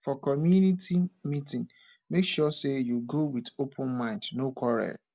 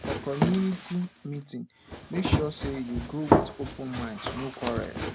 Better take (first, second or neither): first